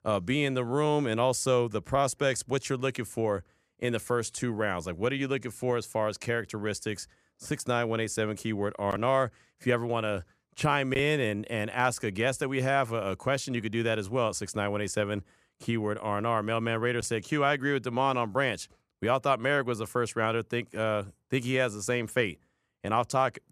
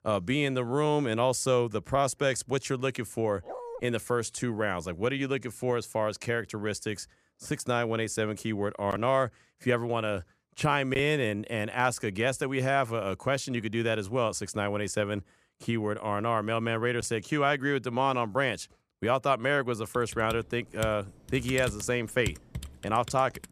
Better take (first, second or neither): first